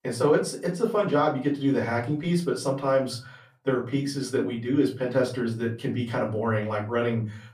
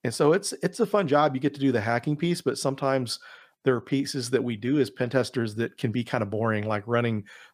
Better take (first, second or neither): second